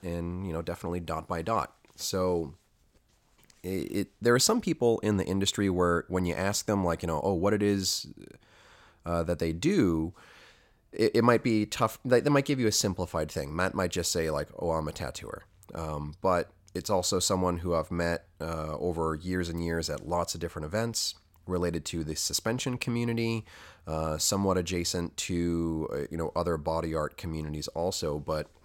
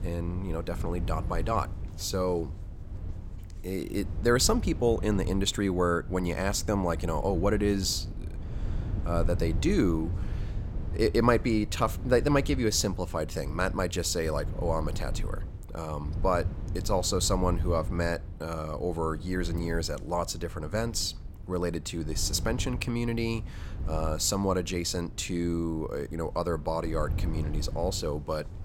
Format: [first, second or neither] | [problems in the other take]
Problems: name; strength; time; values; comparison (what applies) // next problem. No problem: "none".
first | low rumble; noticeable; throughout; 20 dB below the speech